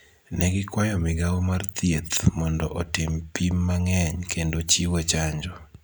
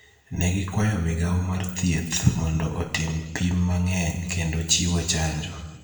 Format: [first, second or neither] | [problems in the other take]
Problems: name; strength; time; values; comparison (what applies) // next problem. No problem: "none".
first | room echo; dies away in 1.2 s